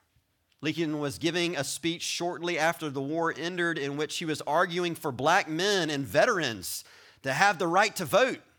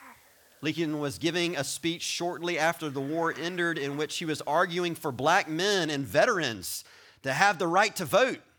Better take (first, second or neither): first